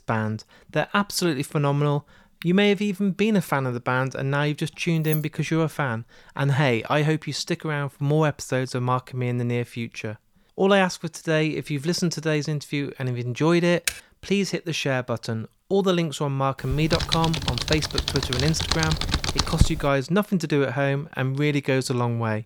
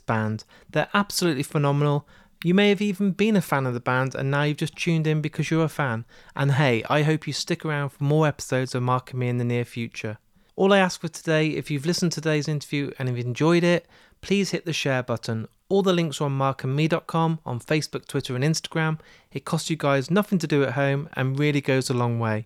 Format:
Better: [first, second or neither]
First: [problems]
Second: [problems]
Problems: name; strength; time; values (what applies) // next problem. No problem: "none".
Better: second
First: jangling keys; noticeable; at 5 s; peak 7 dB below the speech // keyboard typing; noticeable; at 14 s; peak 4 dB below the speech // keyboard typing; loud; from 17 to 20 s; peak 2 dB above the speech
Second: none